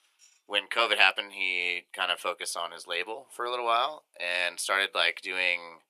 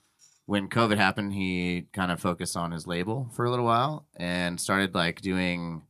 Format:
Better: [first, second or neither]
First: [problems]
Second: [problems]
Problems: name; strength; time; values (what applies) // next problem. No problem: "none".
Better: second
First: thin; very; fading below 500 Hz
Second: none